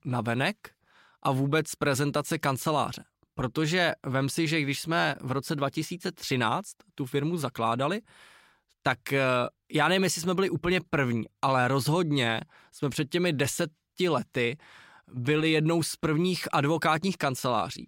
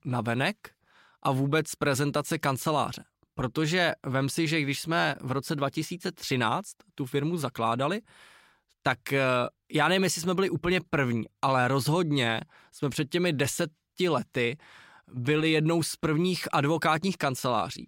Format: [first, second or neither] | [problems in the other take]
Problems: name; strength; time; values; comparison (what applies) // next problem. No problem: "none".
neither | none